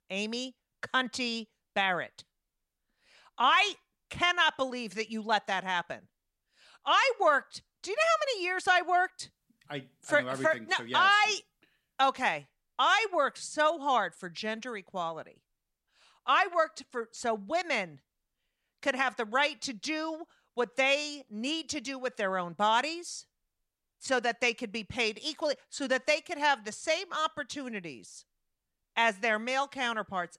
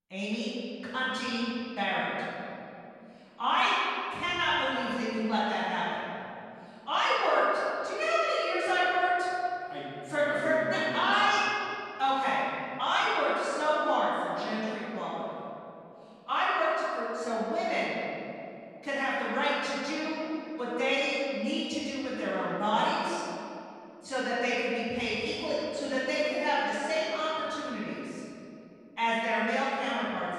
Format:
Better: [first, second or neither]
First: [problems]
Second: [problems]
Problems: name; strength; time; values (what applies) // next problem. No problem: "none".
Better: first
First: none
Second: off-mic speech; far // room echo; strong; dies away in 2.7 s